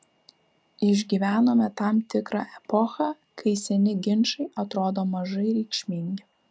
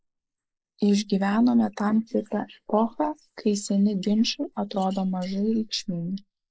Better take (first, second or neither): first